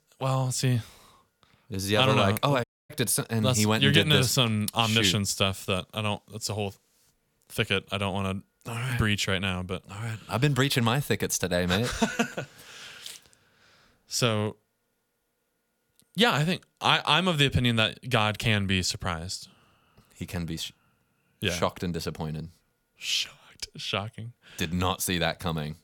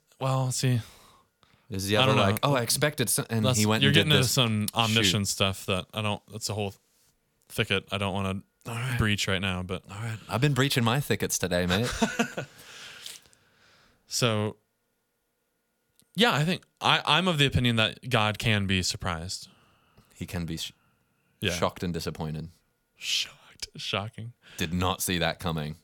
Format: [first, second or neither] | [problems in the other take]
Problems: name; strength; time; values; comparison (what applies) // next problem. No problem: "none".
second | audio cutting out; at 2.5 s